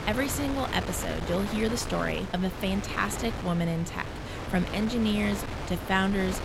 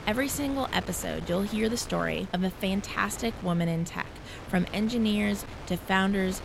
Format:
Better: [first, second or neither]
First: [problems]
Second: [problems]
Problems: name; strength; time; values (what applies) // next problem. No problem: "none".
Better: second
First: wind noise on the microphone; heavy; 6 dB below the speech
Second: wind noise on the microphone; occasional gusts; 15 dB below the speech